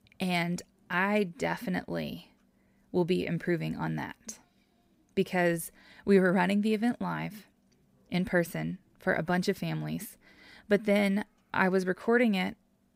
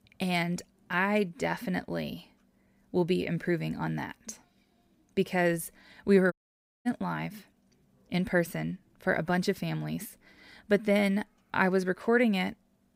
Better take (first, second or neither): first